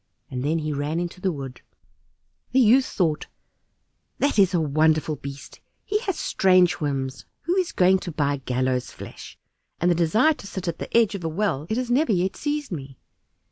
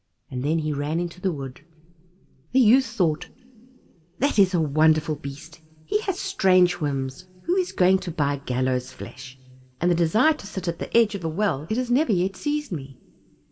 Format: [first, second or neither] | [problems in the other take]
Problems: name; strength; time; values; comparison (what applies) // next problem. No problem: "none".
first | room echo; dies away in 1.1 s